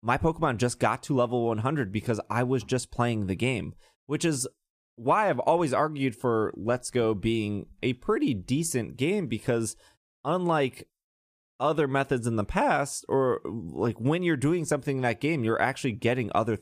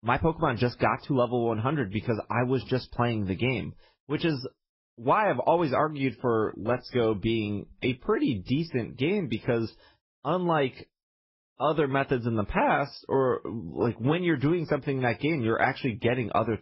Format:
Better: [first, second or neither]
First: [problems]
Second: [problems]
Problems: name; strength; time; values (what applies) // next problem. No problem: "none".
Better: first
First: none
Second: garbled, watery; badly; nothing above 5.5 kHz